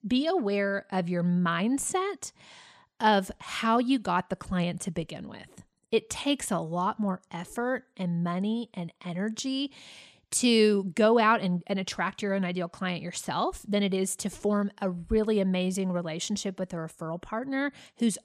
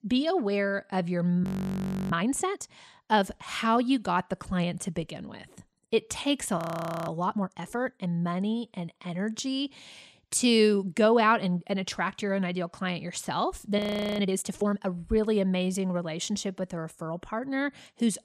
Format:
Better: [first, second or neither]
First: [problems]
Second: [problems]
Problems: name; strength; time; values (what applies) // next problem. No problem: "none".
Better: first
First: none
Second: audio freezing; at 1.5 s for 0.5 s, at 6.5 s and at 14 s